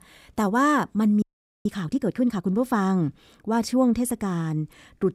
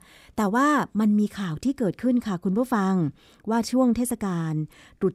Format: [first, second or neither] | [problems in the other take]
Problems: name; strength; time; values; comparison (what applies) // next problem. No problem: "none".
second | audio freezing; at 1 s